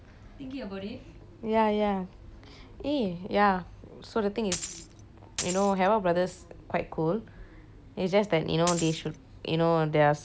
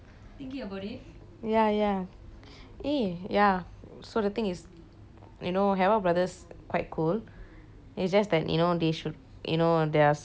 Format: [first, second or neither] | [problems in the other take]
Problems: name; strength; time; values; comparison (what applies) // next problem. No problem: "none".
second | background sound (Coin (dropping)); 8 dB below the speech